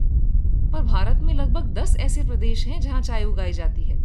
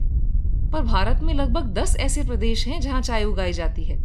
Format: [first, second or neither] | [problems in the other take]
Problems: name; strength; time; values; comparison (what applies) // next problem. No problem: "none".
second | wind noise on the microphone; heavy; 9 dB below the speech; occasional gusts in the second